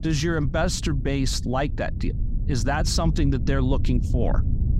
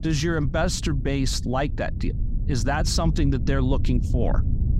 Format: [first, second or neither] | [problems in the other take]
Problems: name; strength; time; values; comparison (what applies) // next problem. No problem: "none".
neither | low rumble; noticeable; throughout; 15 dB below the speech; the same in both